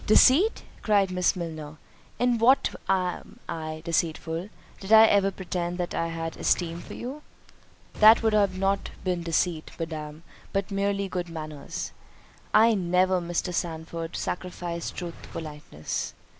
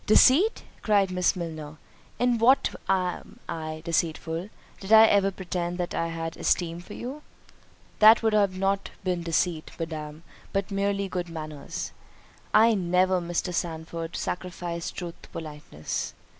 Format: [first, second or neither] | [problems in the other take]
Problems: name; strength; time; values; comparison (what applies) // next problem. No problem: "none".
second | background sound (Explosion); 19 dB below the speech